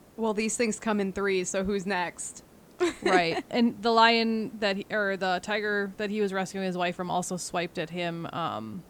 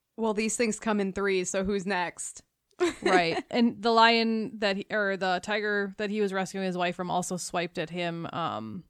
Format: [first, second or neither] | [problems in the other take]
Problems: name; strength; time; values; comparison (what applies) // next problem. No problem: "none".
second | hiss; faint; throughout; 25 dB below the speech